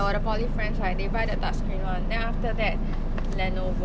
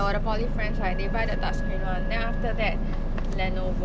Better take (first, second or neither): first